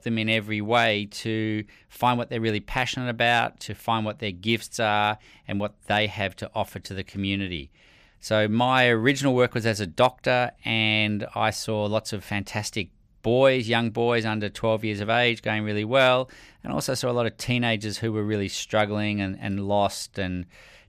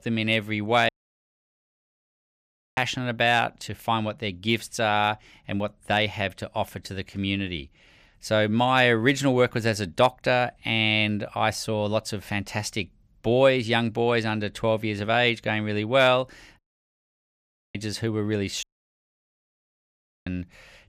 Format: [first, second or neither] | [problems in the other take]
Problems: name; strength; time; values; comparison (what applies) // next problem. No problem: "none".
first | audio cutting out; at 1 s for 2 s, at 17 s for 1 s and at 19 s for 1.5 s